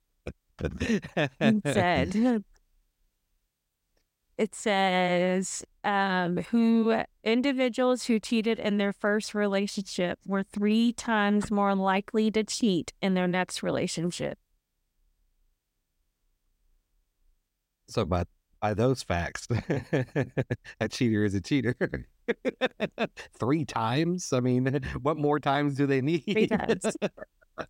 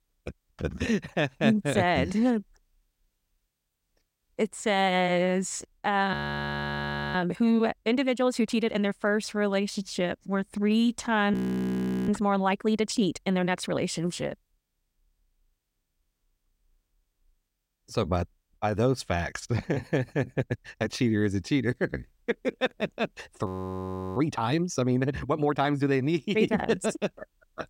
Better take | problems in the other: first | audio freezing; at 6 s for 1 s, at 11 s for 0.5 s and at 23 s for 0.5 s

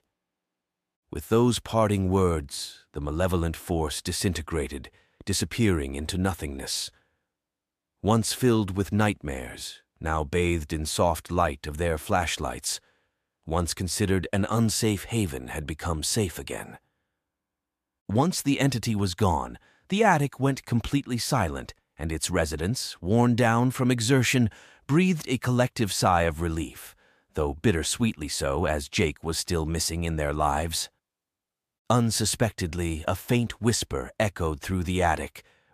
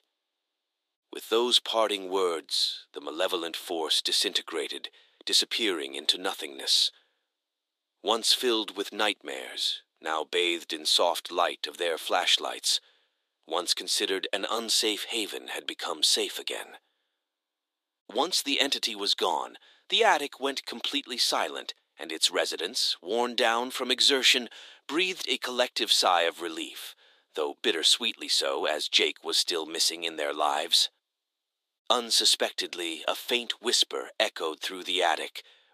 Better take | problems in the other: first | thin; very; fading below 350 Hz

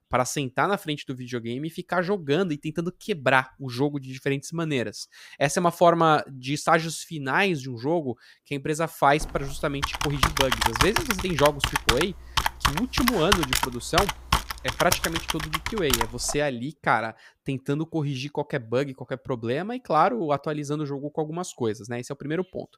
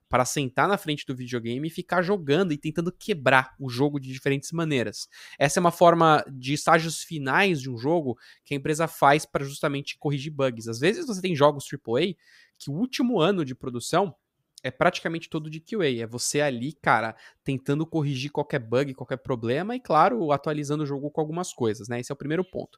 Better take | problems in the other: second | keyboard typing; loud; from 9 to 16 s; peak 4 dB above the speech

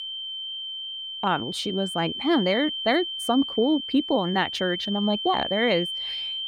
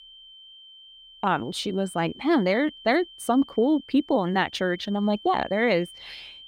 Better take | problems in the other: second | high-pitched whine; loud; throughout; 3 kHz, 5 dB below the speech; faint in the second

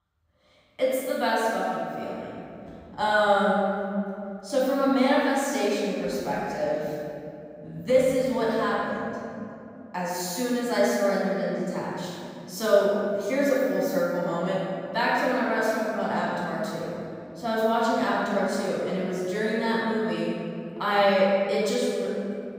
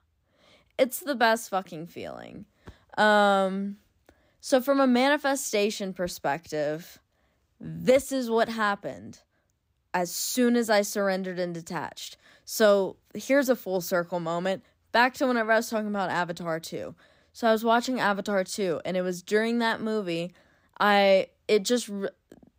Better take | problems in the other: second | room echo; strong; dies away in 2.8 s // off-mic speech; far

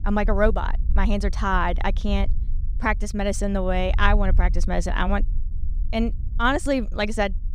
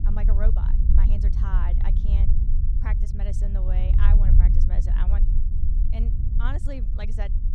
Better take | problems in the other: first | low rumble; loud; throughout; 2 dB below the speech; faint in the first

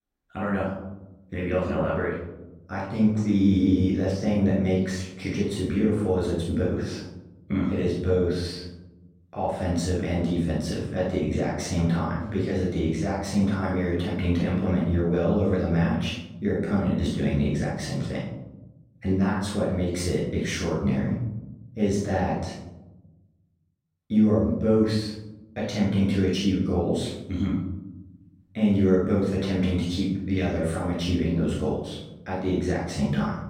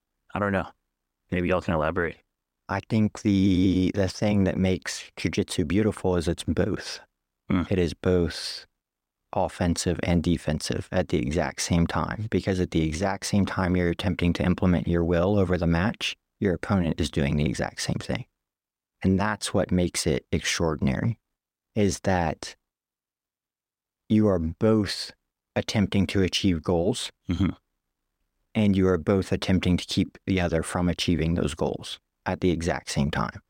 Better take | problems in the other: second | off-mic speech; far // room echo; noticeable; dies away in 0.9 s

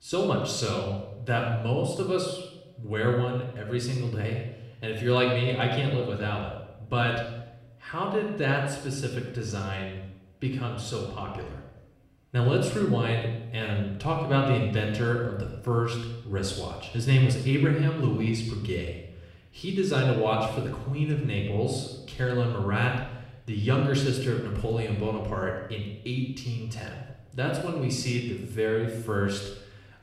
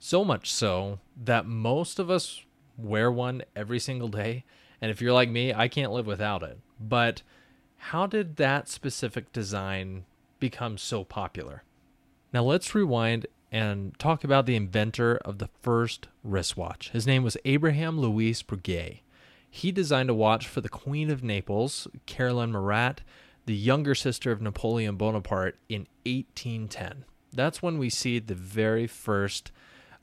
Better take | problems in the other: second | off-mic speech; far // room echo; noticeable; dies away in 0.8 s

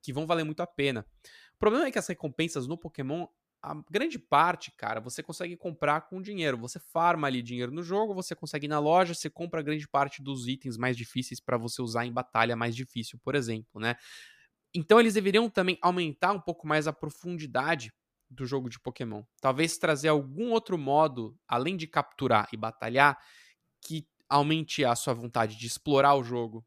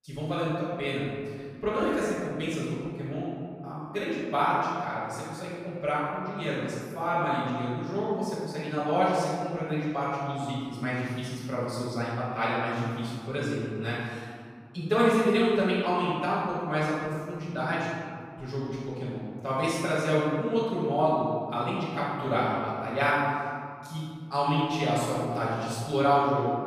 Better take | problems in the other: first | off-mic speech; far // room echo; strong; dies away in 2 s

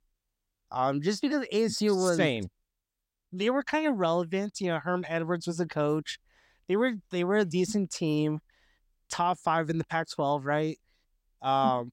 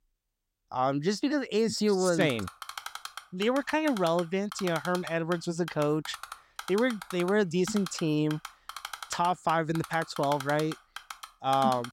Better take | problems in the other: first | keyboard typing; faint; from 2 s on; peak 10 dB below the speech

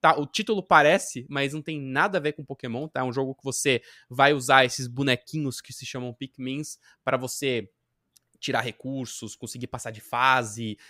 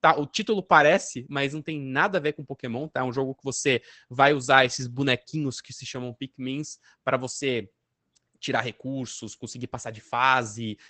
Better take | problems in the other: first | garbled, watery; badly; nothing above 8 kHz

